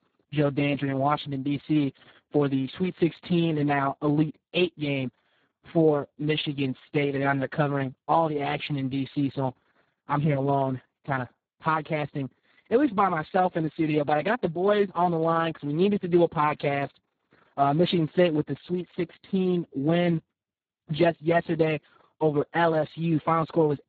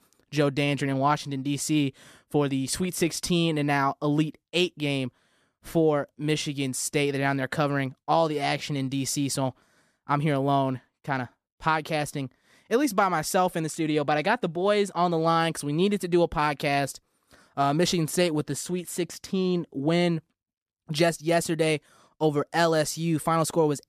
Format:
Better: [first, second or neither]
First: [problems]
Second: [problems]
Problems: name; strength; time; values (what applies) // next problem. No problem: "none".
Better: second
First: garbled, watery; badly; nothing above 4 kHz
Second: none